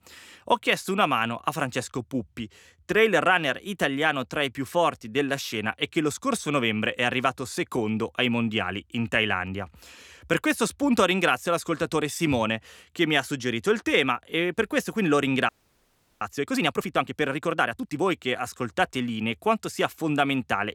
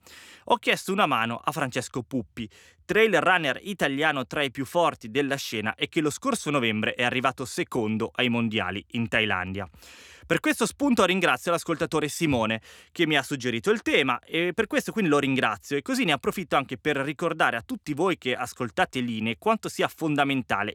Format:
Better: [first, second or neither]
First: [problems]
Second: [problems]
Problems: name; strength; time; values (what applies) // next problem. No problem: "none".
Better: second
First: audio freezing; at 15 s for 0.5 s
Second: none